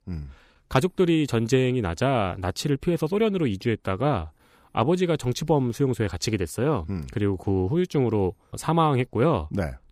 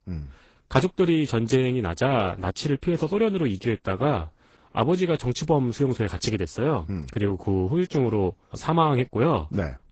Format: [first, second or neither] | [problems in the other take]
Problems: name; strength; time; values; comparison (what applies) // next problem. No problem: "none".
first | garbled, watery; badly; nothing above 8 kHz